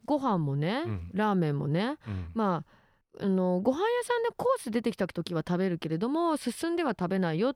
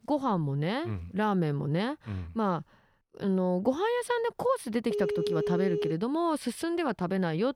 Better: first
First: none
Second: phone ringing; noticeable; from 5 to 6 s; peak 1 dB below the speech

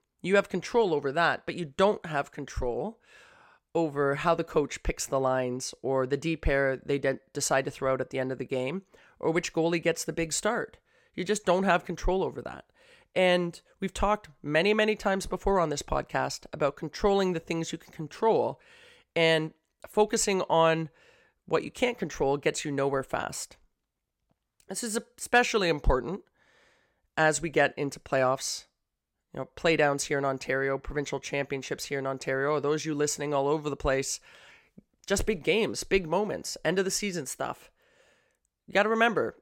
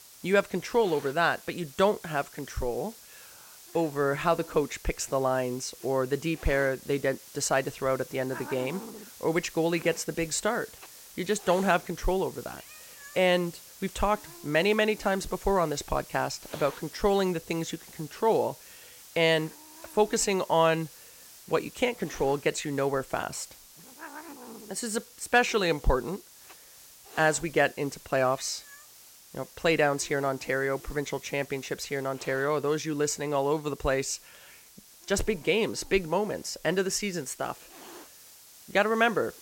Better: first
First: none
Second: hiss; noticeable; throughout; 20 dB below the speech

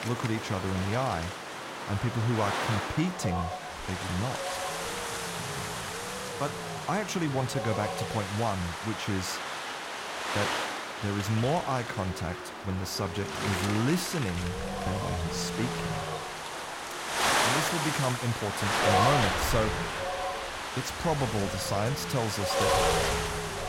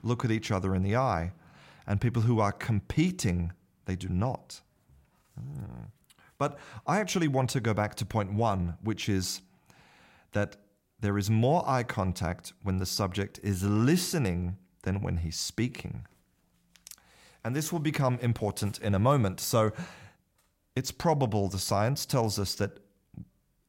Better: second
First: wind noise on the microphone; heavy; 4 dB above the speech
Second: none

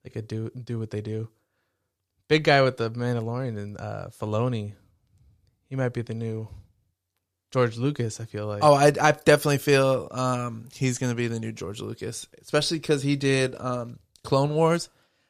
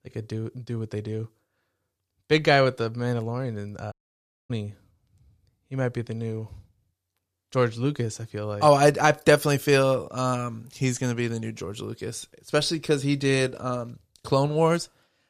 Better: first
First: none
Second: audio cutting out; at 4 s for 0.5 s

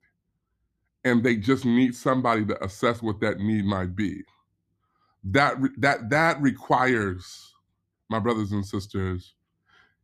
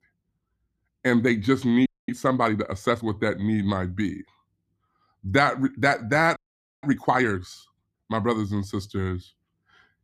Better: first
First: none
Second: audio freezing; at 2 s and at 6.5 s

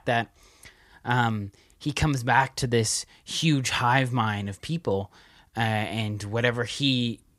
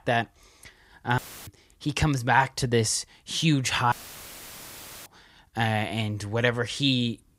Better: first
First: none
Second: audio cutting out; filled with static; at 1 s and at 4 s for 1 s

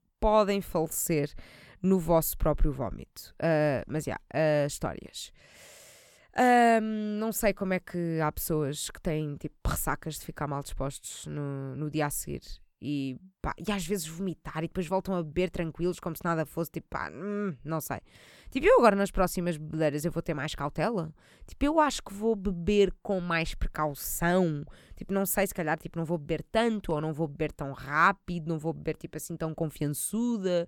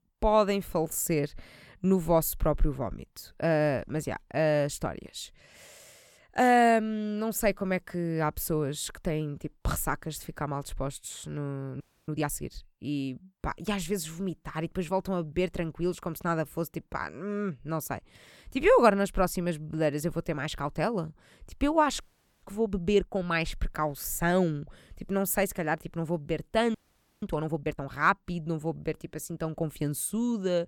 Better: first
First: none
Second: audio freezing; at 12 s, at 22 s and at 27 s

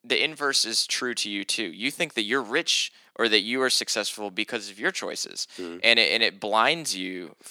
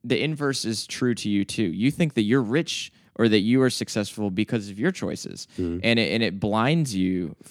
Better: second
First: thin; very; fading below 650 Hz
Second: none

